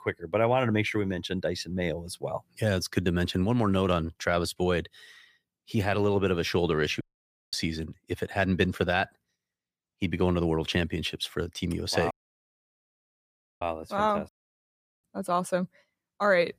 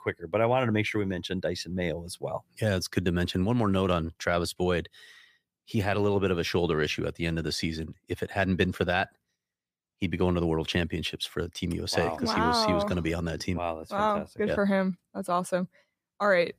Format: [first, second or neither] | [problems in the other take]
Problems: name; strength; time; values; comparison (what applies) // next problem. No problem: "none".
second | audio cutting out; at 7 s for 0.5 s, at 12 s for 1.5 s and at 14 s for 1 s